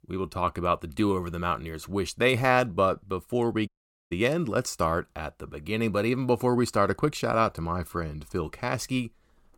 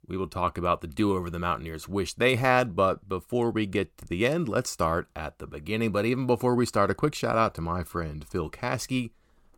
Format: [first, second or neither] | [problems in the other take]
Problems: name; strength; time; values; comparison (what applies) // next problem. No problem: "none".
second | audio cutting out; at 3.5 s